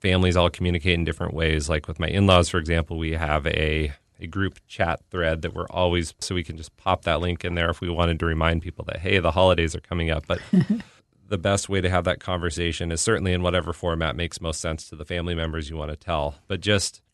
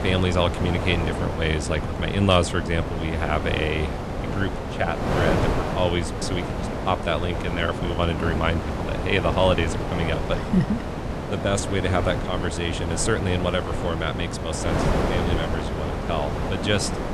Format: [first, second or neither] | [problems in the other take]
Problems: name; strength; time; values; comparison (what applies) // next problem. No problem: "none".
first | wind noise on the microphone; heavy; 4 dB below the speech